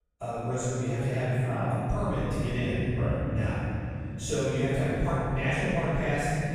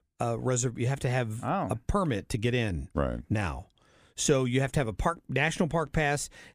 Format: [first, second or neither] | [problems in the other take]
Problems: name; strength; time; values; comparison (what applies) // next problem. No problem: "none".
second | off-mic speech; far // room echo; strong; dies away in 3 s